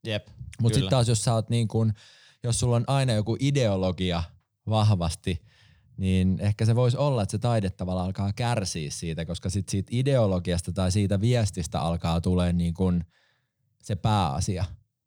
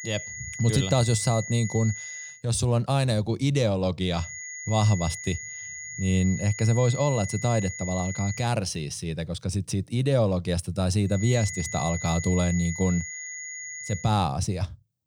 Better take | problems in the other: first | high-pitched whine; loud; until 2.5 s, from 4 to 8.5 s and from 11 to 14 s; 2 kHz, 9 dB below the speech

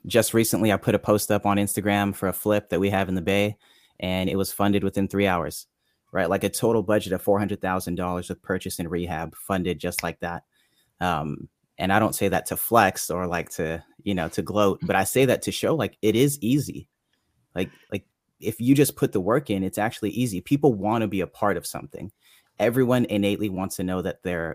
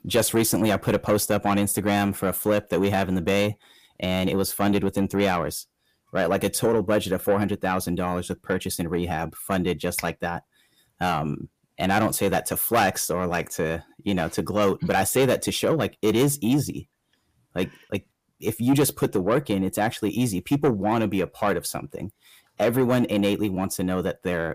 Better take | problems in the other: first | distortion; slight; 10 dB below the speech

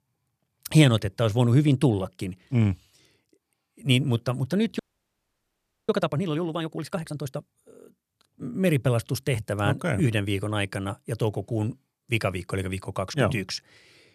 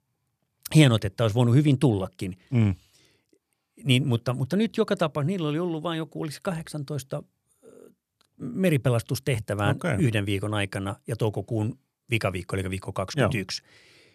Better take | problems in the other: second | audio freezing; at 5 s for 1 s

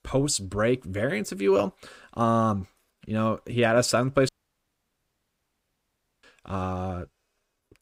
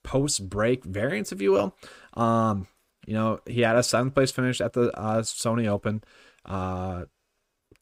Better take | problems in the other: second | audio cutting out; at 4.5 s for 2 s

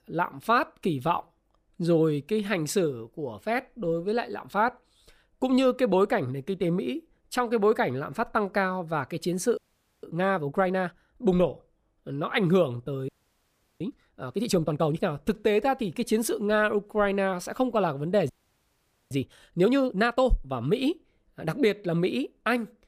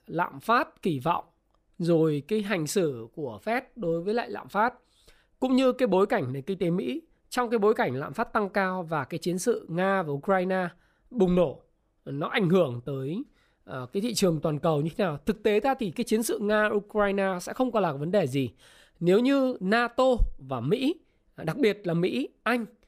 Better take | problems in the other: second | audio freezing; at 9.5 s, at 13 s for 0.5 s and at 18 s for 1 s

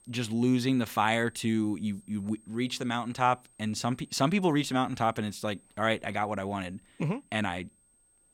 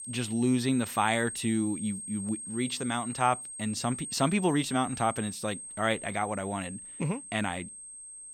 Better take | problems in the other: first | high-pitched whine; loud; throughout; 8.5 kHz, 9 dB below the speech; faint in the first

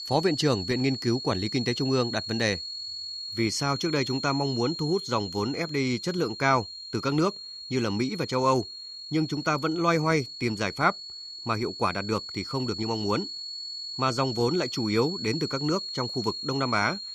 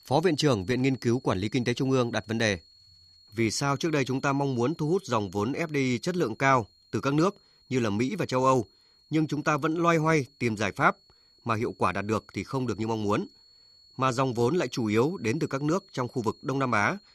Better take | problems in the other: second | high-pitched whine; loud; throughout; 4.5 kHz, 7 dB below the speech; faint in the second

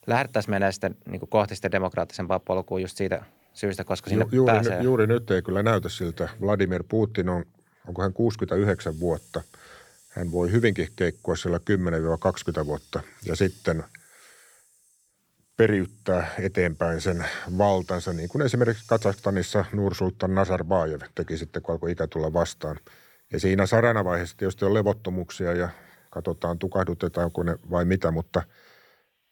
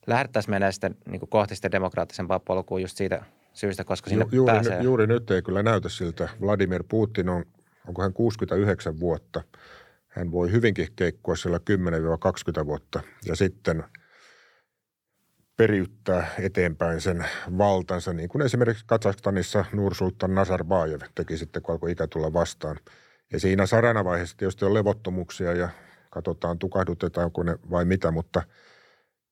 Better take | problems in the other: second | hiss; faint; throughout; 30 dB below the speech

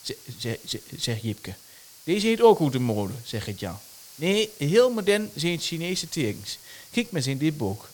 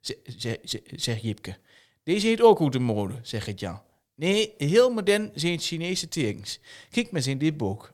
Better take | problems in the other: second | hiss; noticeable; throughout; 20 dB below the speech

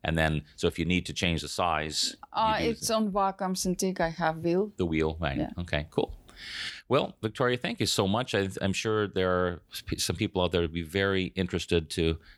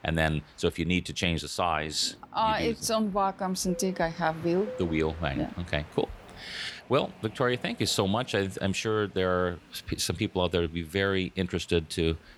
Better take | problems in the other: first | train or aircraft noise; faint; throughout; 20 dB below the speech

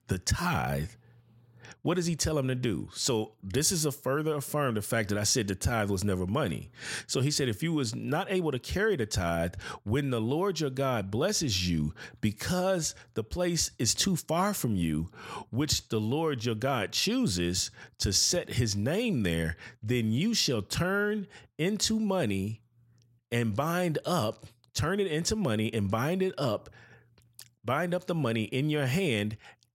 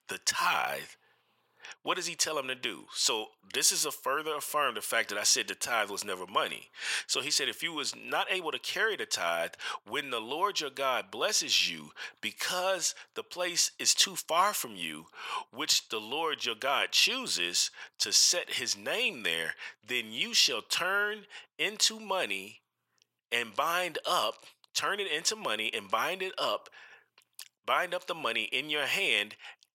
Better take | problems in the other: first | thin; very; fading below 650 Hz

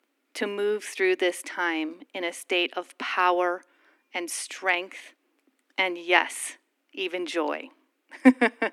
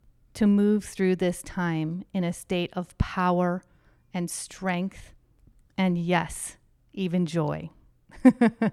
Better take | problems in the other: second | thin; somewhat; fading below 250 Hz

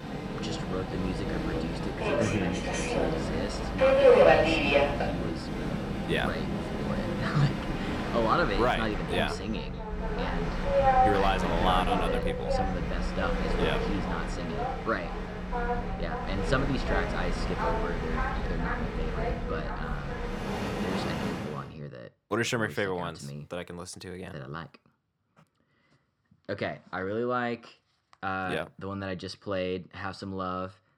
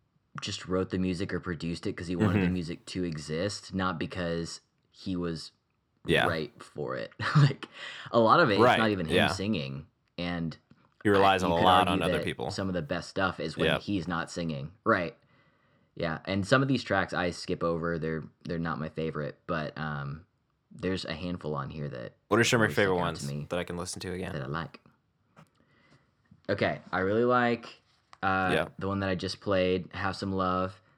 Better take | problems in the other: second | train or aircraft noise; very loud; until 21 s; 4 dB above the speech

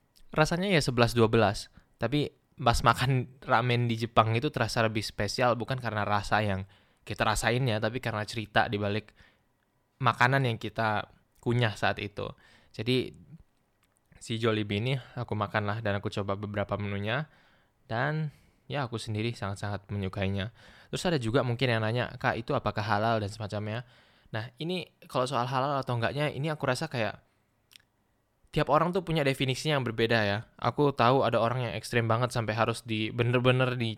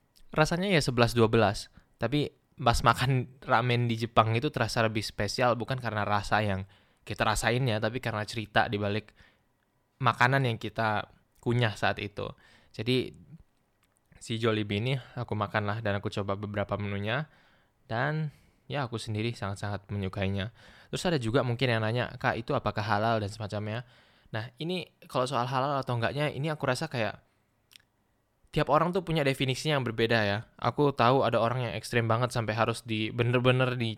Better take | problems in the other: neither | none

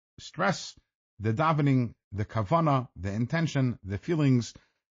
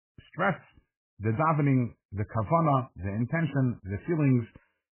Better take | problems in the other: first | garbled, watery; badly; nothing above 2.5 kHz; slightly in the first

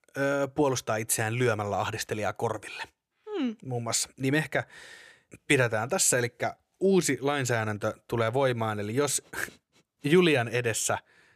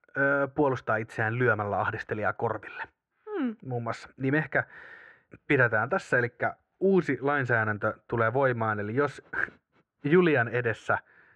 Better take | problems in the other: first | muffled; very; fading above 1.5 kHz

